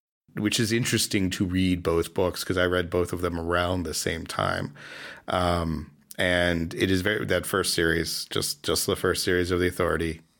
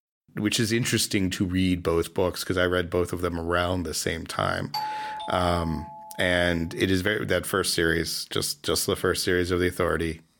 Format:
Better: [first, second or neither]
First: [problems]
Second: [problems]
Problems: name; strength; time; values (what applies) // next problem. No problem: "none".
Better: first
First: none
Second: doorbell; noticeable; from 4.5 to 6.5 s; peak 5 dB below the speech